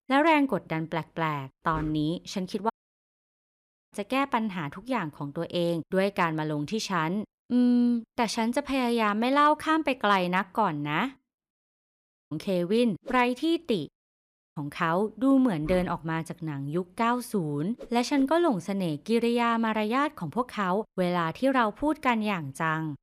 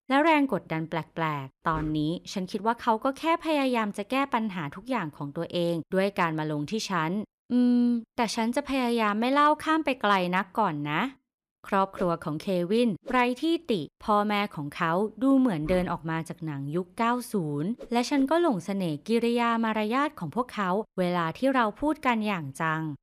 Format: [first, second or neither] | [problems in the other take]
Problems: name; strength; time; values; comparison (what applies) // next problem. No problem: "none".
second | audio cutting out; at 2.5 s for 1 s, at 12 s for 1 s and at 14 s for 0.5 s